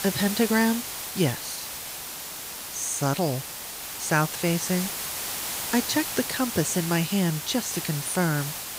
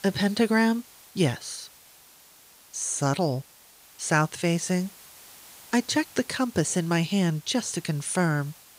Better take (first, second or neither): second